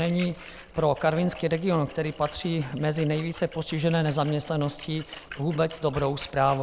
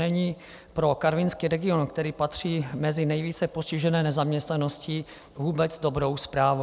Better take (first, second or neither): second